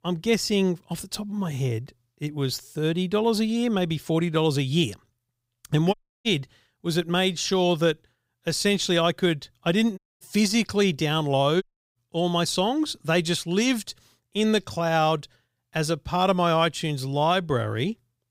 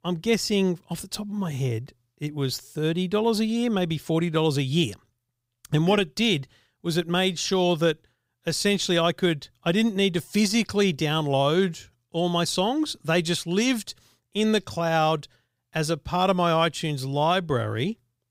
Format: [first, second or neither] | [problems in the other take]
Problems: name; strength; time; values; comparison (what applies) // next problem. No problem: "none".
second | audio cutting out; at 6 s, at 10 s and at 12 s